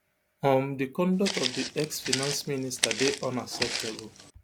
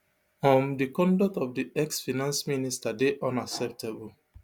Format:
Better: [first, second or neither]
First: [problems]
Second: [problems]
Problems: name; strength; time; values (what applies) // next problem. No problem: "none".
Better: second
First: background sound (Walk, footsteps); 4 dB below the speech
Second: none